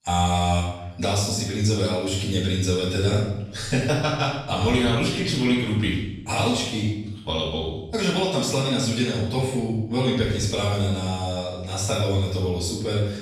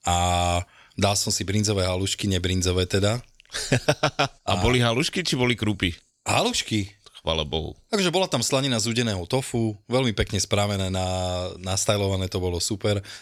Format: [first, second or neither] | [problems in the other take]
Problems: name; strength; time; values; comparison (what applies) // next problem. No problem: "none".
second | off-mic speech; far // room echo; noticeable; dies away in 0.9 s